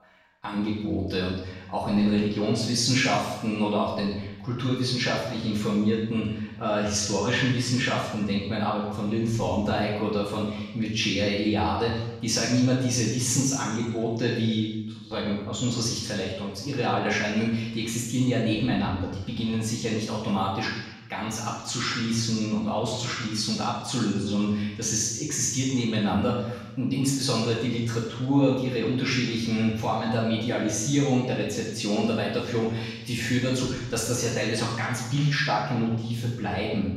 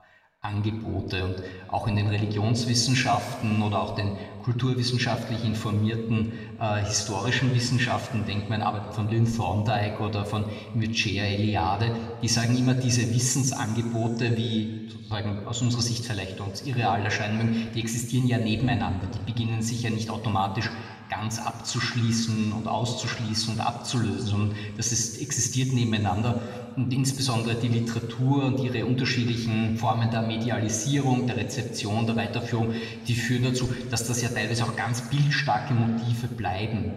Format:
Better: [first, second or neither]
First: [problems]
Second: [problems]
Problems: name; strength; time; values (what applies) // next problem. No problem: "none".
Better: second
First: room echo; strong; dies away in 0.9 s // off-mic speech; far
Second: room echo; slight; dies away in 2 s // off-mic speech; somewhat distant